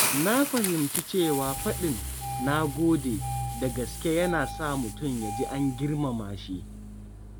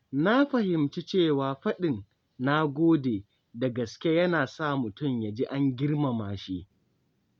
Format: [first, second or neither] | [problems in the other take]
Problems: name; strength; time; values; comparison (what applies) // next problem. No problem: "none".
second | background sound (Engine starting + Hiss); 5 dB below the speech